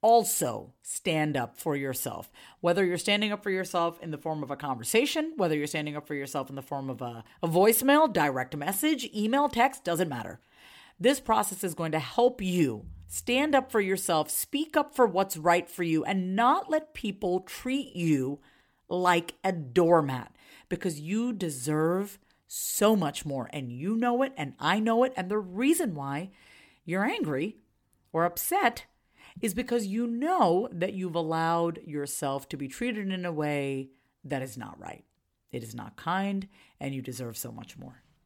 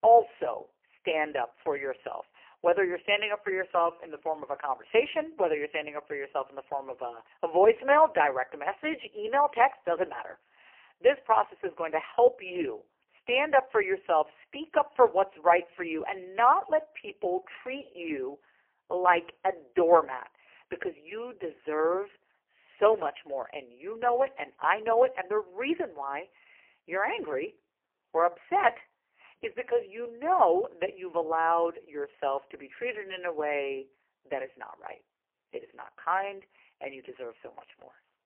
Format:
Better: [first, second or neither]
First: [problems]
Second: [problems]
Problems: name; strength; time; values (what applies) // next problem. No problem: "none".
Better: first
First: none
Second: phone-call audio; poor line; nothing above 3 kHz